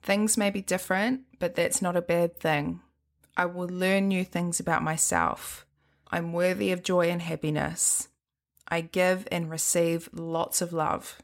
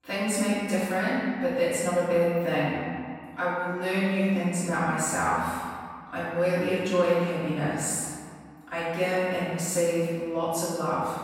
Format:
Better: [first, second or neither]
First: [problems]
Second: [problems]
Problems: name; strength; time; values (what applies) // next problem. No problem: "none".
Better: first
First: none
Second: room echo; strong; dies away in 2 s // off-mic speech; far